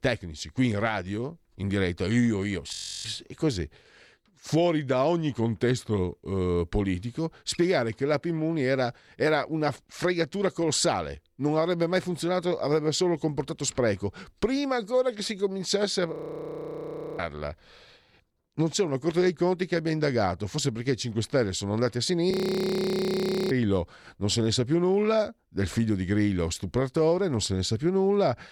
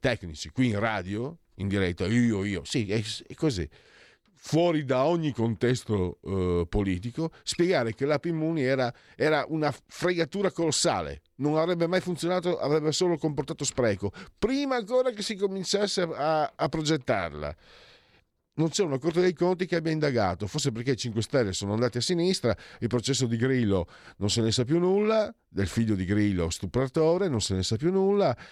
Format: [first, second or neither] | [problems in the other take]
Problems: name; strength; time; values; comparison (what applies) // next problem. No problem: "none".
second | audio freezing; at 2.5 s, at 16 s for 1 s and at 22 s for 1 s